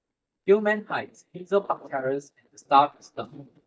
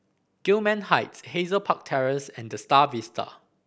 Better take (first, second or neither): second